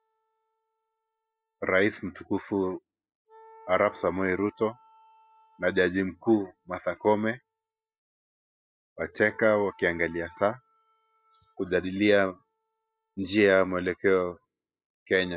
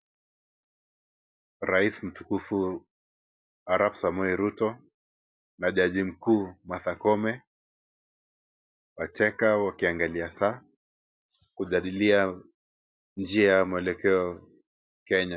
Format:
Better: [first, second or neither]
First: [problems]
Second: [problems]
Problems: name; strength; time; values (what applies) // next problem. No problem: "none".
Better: second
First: noise reduction (classical method spectral subtraction)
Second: none